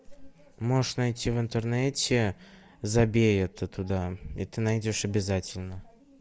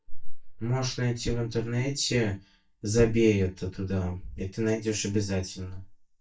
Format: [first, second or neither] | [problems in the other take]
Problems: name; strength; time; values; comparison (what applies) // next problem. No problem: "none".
first | noise reduction (neural mask model DeepFilterNet 3)